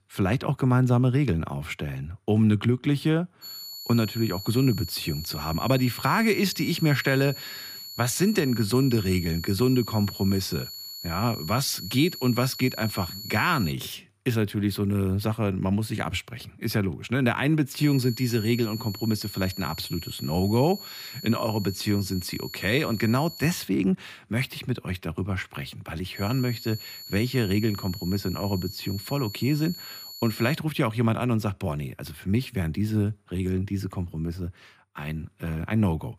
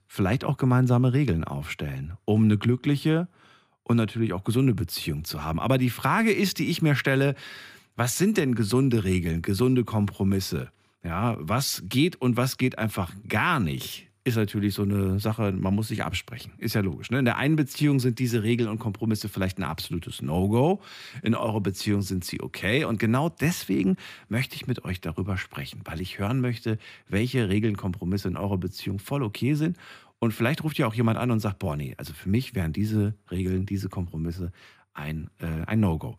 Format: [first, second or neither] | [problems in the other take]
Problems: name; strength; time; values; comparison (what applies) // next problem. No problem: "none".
second | high-pitched whine; noticeable; from 3.5 to 14 s, from 18 to 24 s and from 26 to 31 s; 4.5 kHz, 10 dB below the speech